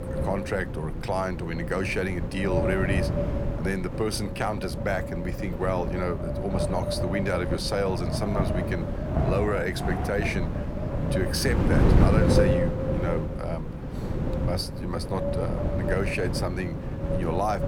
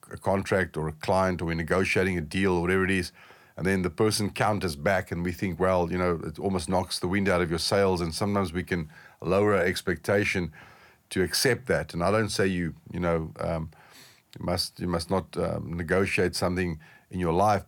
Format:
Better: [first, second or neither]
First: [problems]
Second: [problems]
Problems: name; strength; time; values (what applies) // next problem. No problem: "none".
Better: second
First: wind noise on the microphone; heavy; 2 dB below the speech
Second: none